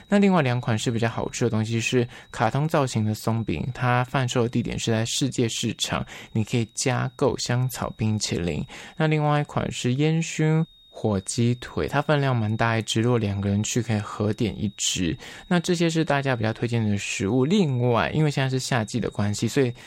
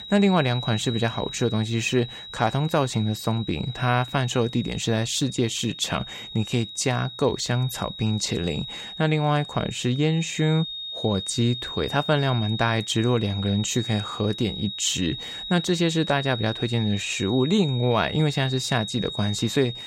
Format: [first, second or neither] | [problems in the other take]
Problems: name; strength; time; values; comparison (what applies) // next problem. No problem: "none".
first | high-pitched whine; loud; throughout; 4 kHz, 9 dB below the speech; faint in the first